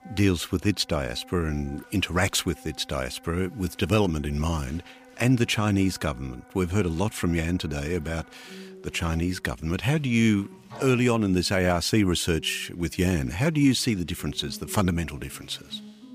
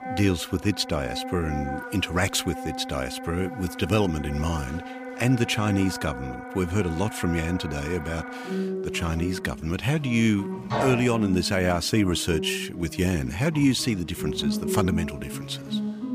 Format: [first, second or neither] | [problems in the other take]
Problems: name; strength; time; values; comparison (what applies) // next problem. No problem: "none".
first | background music; loud; throughout; 8 dB below the speech; faint in the first